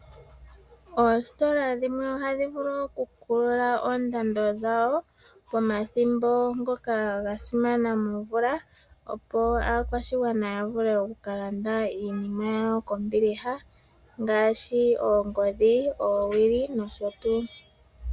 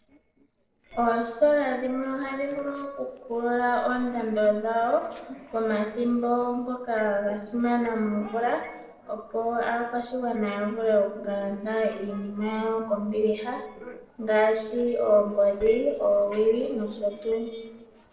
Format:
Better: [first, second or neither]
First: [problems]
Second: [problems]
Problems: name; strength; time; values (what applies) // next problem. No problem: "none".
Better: first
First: none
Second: noise reduction (neural separator model SepFormer DNS4)